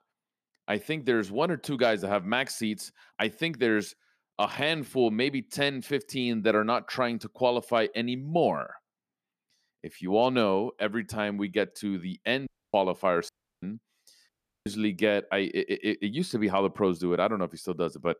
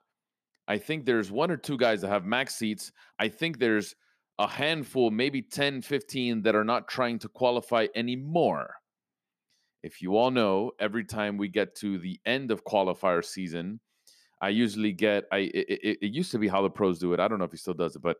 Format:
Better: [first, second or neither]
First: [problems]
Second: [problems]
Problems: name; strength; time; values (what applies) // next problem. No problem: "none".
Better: second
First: audio cutting out; at 12 s, at 13 s and at 14 s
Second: none